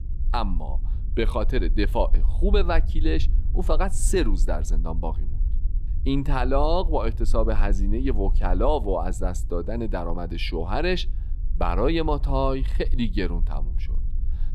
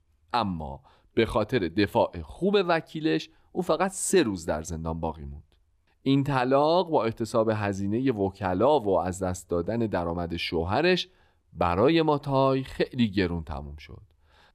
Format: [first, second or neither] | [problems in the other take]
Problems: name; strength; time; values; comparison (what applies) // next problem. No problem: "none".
second | low rumble; faint; throughout; 20 dB below the speech